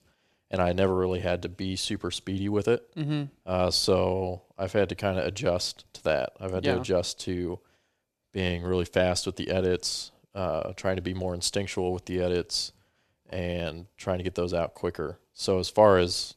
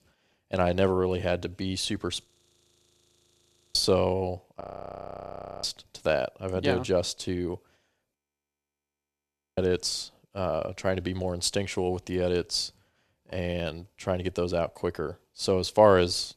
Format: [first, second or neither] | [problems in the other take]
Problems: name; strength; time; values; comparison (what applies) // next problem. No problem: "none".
first | audio freezing; at 2.5 s for 1.5 s, at 4.5 s for 1 s and at 8 s for 1.5 s